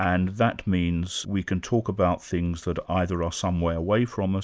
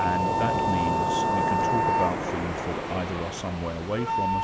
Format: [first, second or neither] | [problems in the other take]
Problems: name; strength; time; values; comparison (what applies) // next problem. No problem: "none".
first | background sound (Wind instrument, woodwind instrument + Waves, surf); 5 dB above the speech